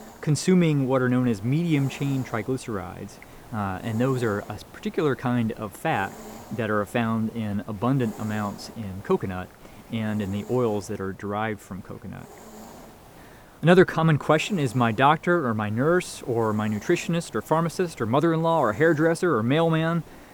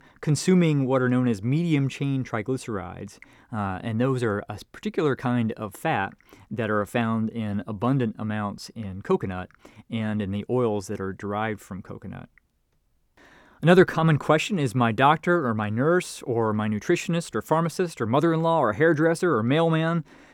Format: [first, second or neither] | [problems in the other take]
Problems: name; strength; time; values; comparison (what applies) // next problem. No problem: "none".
second | hiss; faint; throughout; 20 dB below the speech